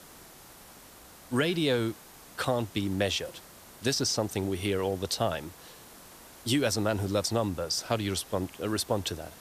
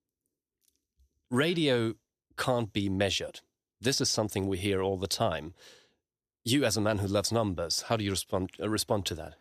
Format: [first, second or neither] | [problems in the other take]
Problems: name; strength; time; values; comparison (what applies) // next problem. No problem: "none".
second | hiss; noticeable; throughout; 20 dB below the speech